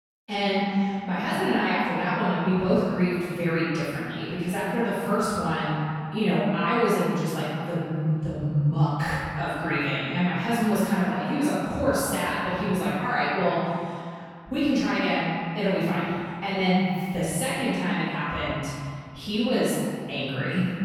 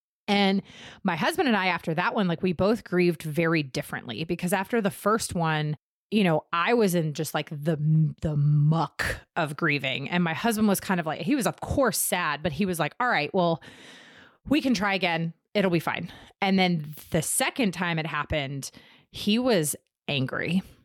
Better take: second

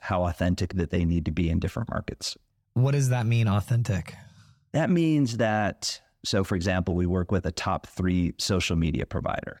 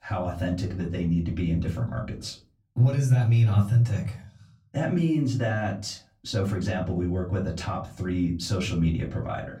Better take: first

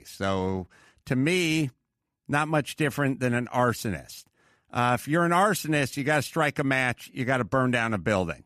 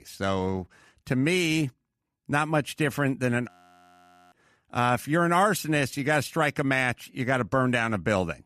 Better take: first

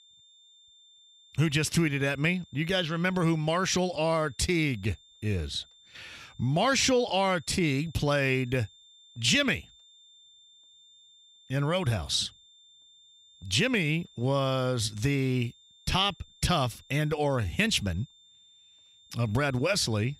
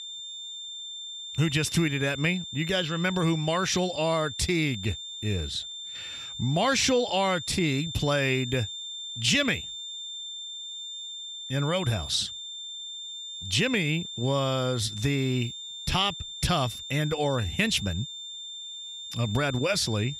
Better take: first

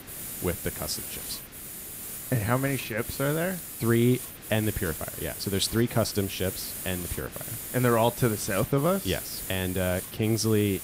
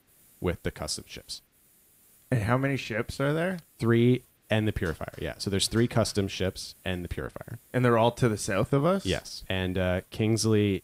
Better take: second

